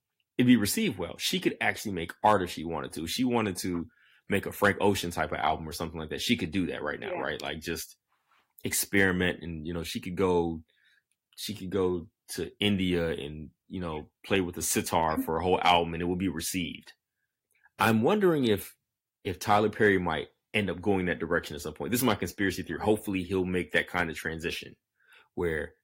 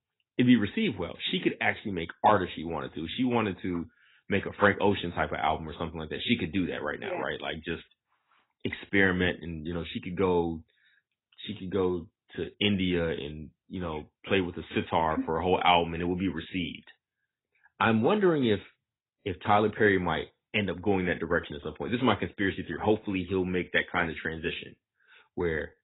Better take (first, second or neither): first